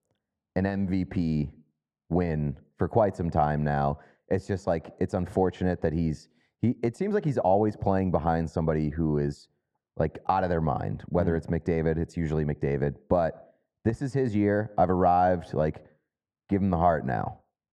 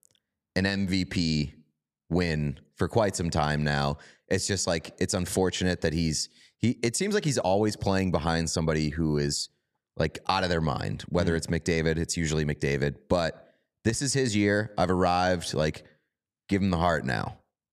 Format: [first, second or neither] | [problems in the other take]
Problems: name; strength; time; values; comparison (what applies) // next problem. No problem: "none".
second | muffled; very; fading above 2.5 kHz